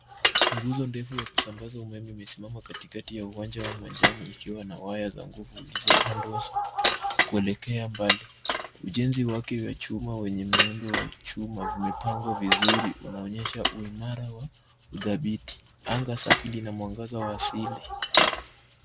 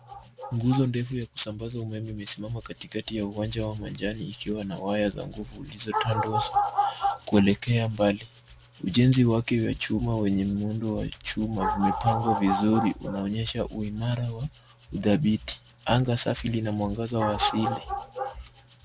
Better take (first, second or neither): second